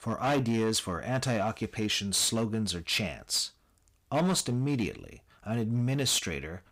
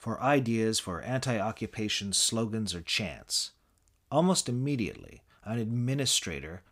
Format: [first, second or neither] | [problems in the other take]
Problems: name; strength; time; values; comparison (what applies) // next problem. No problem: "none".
second | distortion; slight; 8% of the sound clipped